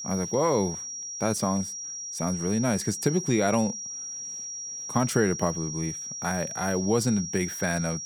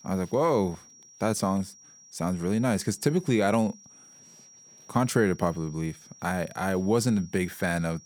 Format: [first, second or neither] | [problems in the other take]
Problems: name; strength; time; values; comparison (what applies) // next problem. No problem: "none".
second | high-pitched whine; loud; throughout; 5.5 kHz, 6 dB below the speech; faint in the second